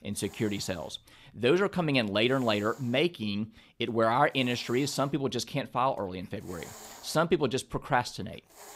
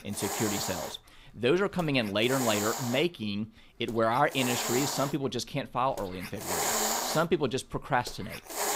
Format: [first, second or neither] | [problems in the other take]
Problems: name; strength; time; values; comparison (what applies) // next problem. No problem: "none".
first | hiss; loud; throughout; 3 dB below the speech; faint in the first